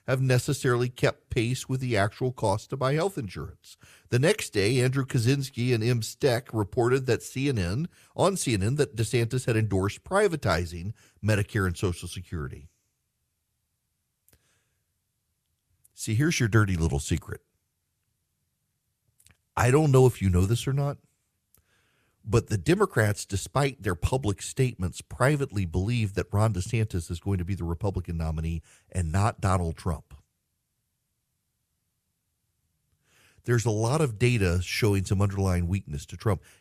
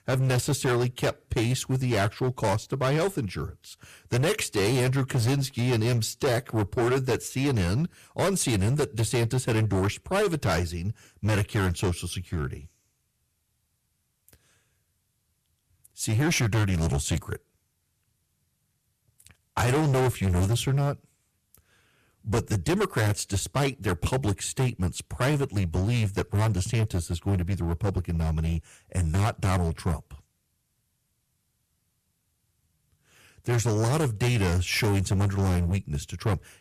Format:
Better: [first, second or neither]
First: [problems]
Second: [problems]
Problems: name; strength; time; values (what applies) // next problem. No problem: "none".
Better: first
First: none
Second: distortion; heavy; 15% of the sound clipped